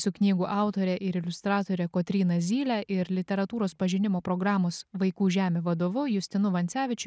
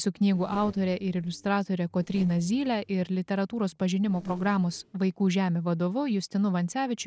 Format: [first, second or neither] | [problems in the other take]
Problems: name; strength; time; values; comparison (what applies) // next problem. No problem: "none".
first | noise reduction (neural separator model SepFormer DNS4)